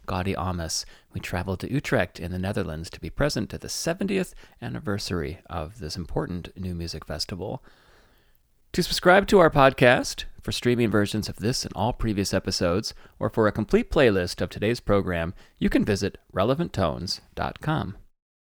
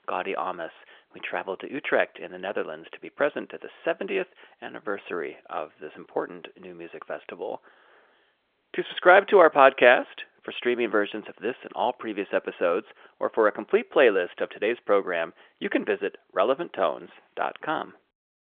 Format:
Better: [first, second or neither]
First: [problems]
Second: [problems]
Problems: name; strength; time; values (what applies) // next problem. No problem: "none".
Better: first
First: none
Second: phone-call audio; nothing above 3.5 kHz